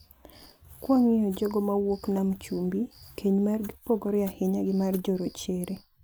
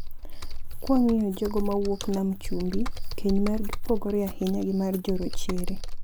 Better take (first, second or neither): first